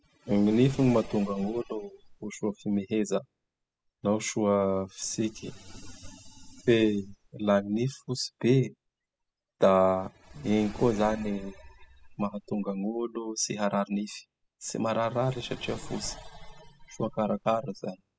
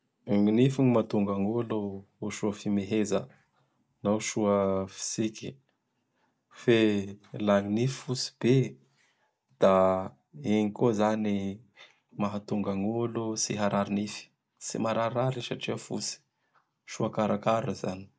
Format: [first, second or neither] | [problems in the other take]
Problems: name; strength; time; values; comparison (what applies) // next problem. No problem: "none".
second | noise reduction (classical method spectral subtraction)